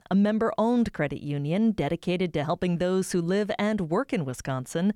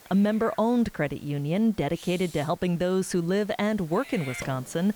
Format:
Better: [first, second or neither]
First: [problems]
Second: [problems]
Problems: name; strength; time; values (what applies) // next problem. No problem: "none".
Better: first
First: none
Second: hiss; noticeable; throughout; 20 dB below the speech